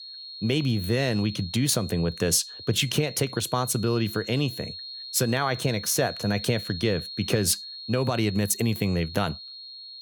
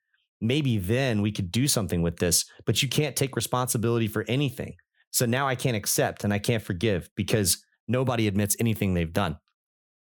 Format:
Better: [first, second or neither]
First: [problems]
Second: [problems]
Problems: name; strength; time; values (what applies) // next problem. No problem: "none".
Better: second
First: high-pitched whine; noticeable; throughout; 4 kHz, 10 dB below the speech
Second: none